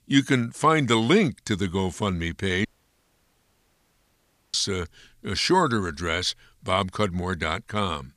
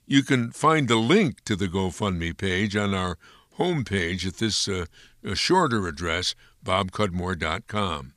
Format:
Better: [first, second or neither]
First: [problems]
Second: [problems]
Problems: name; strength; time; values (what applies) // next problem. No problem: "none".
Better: second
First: audio cutting out; at 2.5 s for 2 s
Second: none